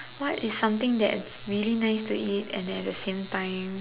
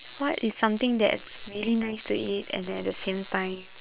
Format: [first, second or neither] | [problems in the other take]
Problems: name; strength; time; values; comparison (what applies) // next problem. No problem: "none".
first | noise reduction (neural separator model SepFormer WHAM!)